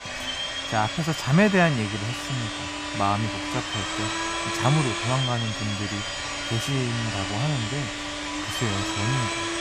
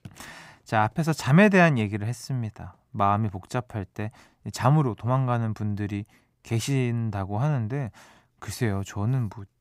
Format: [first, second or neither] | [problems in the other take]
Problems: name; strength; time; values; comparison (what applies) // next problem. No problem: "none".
second | household noises; loud; throughout; 2 dB below the speech